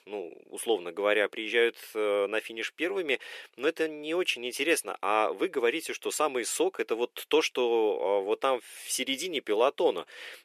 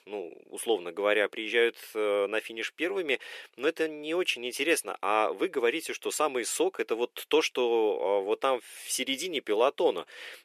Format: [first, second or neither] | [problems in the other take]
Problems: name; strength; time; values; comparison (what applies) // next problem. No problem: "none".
neither | thin; very; fading below 400 Hz; the same in both